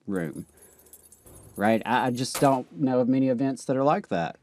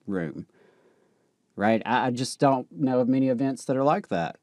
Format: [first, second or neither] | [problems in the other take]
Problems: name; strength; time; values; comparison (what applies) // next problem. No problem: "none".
second | jangling keys; faint; from 1 to 2.5 s; peak 10 dB below the speech